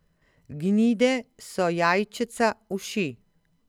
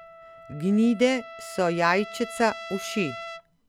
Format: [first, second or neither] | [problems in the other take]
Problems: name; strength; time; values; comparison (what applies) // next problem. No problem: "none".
first | background sound (Trumpet); 14 dB below the speech